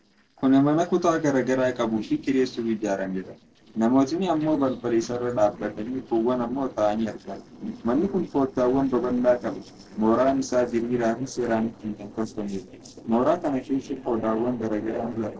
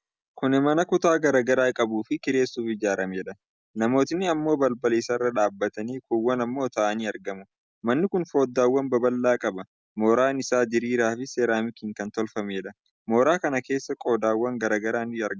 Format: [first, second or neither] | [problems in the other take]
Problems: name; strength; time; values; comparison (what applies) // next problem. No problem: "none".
second | noise reduction (neural separator model SepFormer DNS4)